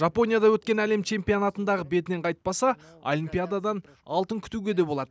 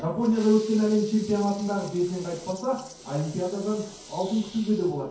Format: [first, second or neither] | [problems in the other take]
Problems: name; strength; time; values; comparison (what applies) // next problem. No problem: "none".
first | background sound (Toilet flush); 19 dB below the speech // room echo; dies away in 0.6 s